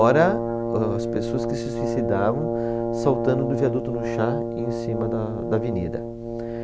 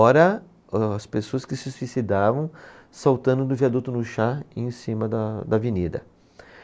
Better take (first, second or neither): second